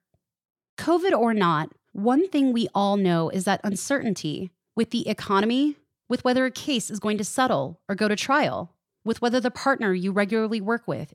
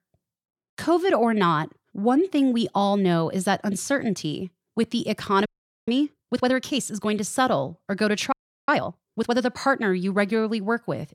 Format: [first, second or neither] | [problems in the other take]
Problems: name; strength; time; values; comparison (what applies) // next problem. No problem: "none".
first | audio freezing; at 5.5 s and at 8.5 s